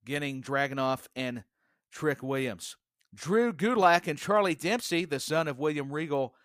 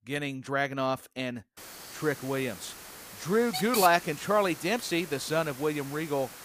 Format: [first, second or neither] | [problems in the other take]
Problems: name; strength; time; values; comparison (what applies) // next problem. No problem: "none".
first | hiss; loud; from 1.5 s on; 10 dB below the speech